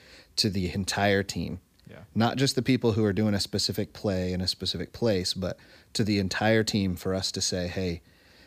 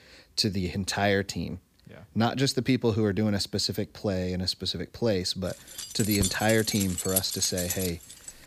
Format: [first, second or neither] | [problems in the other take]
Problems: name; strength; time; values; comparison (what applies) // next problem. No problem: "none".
first | jangling keys; loud; from 6 s on; peak 1 dB above the speech